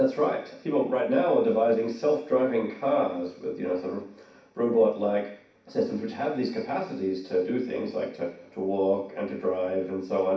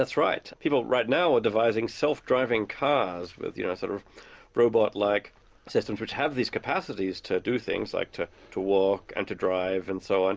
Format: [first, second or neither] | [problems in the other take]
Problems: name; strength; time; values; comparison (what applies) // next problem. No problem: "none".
second | room echo; dies away in 0.6 s